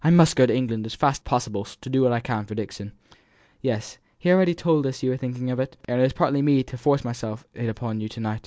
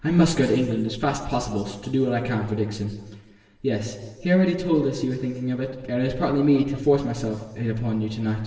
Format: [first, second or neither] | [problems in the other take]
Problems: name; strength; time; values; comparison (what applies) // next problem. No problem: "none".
first | room echo; dies away in 1.3 s